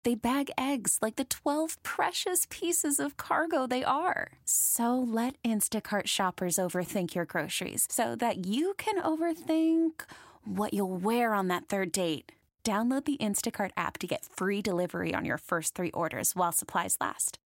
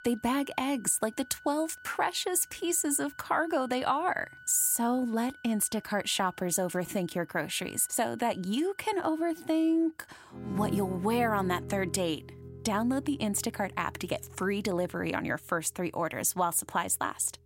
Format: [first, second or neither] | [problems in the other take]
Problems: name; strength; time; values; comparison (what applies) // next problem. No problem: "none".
first | background music; noticeable; throughout; 15 dB below the speech